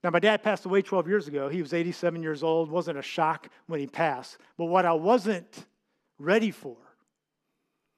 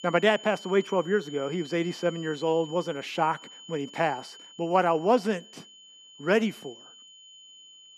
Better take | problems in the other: first | high-pitched whine; noticeable; throughout; 3 kHz, 20 dB below the speech

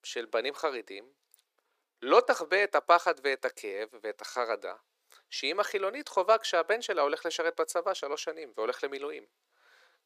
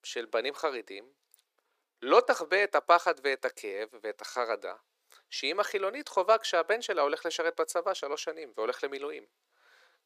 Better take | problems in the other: neither | thin; somewhat; fading below 350 Hz; the same in both

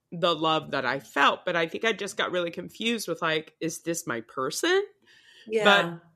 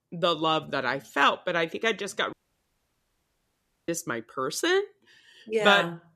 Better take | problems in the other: first | audio cutting out; at 2.5 s for 1.5 s

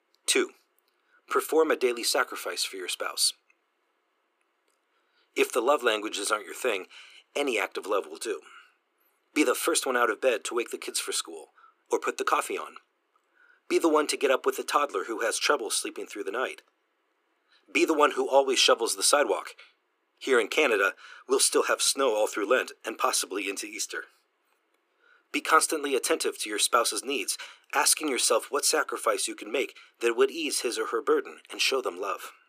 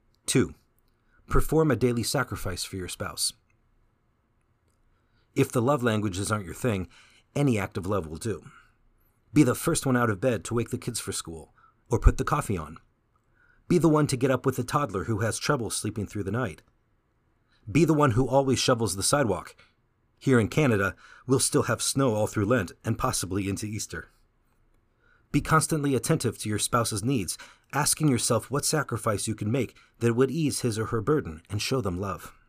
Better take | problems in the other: second | thin; very; fading below 350 Hz

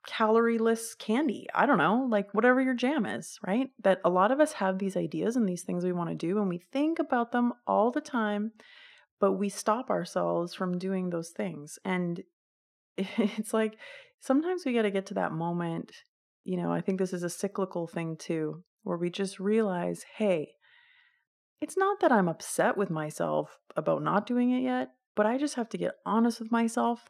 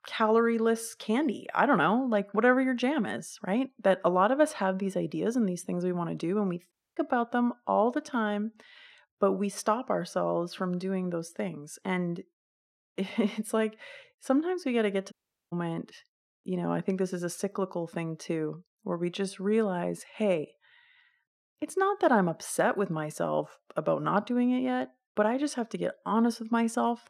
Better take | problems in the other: first | audio cutting out; at 6.5 s and at 15 s

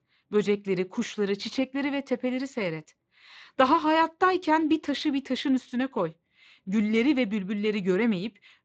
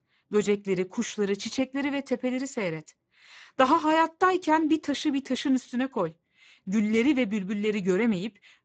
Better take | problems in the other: first | garbled, watery; badly; nothing above 7.5 kHz; slightly in the first

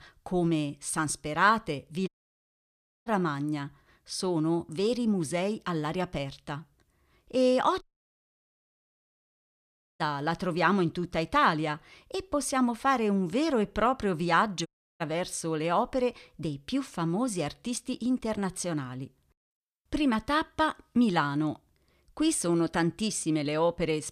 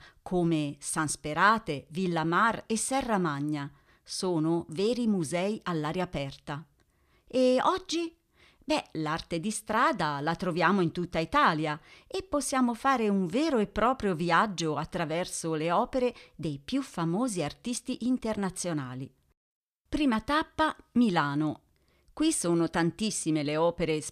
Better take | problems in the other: second | audio cutting out; at 2 s for 1 s, at 8 s for 2 s and at 15 s

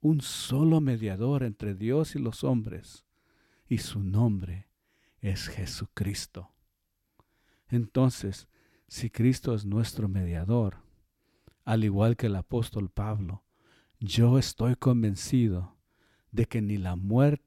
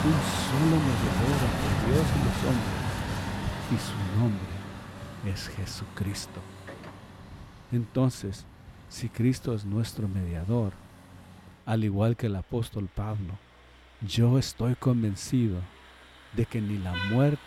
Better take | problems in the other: first | traffic noise; loud; throughout; 2 dB below the speech

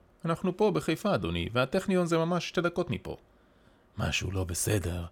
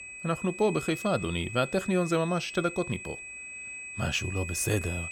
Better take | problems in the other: first | high-pitched whine; loud; throughout; 2.5 kHz, 9 dB below the speech

